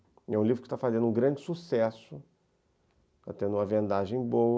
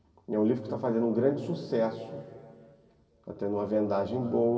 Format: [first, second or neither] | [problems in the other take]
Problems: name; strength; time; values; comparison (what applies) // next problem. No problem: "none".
first | room echo; dies away in 2.6 s